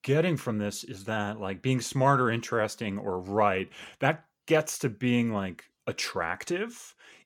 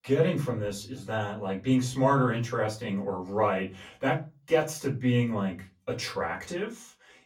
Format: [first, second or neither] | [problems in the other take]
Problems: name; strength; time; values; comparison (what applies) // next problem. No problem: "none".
first | off-mic speech; far // room echo; very slight; dies away in 0.3 s